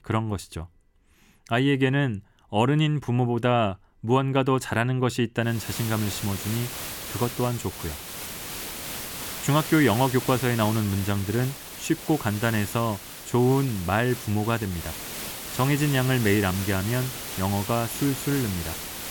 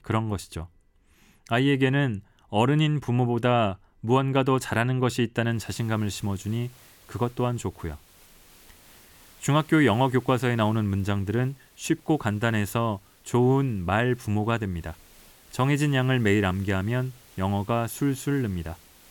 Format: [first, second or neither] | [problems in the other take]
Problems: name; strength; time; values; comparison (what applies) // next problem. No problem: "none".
second | hiss; loud; from 5.5 s on; 8 dB below the speech; faint in the second